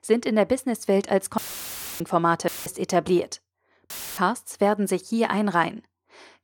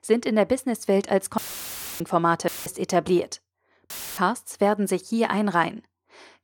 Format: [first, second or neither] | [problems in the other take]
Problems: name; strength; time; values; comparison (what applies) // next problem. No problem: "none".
neither | audio cutting out; filled with static; at 1.5 s for 0.5 s, at 2.5 s and at 4 s; the same in both